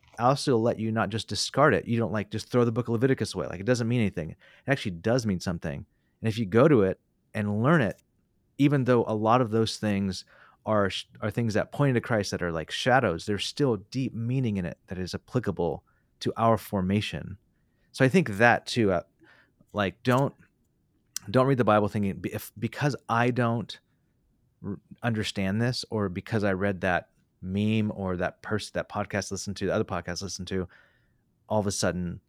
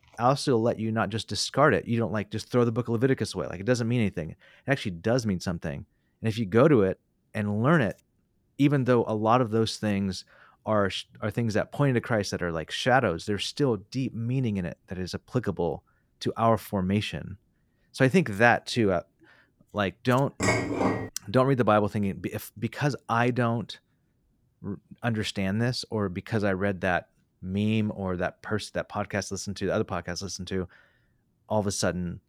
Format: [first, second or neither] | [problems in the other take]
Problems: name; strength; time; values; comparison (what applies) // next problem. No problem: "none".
first | clattering dishes; loud; at 20 s; peak 1 dB above the speech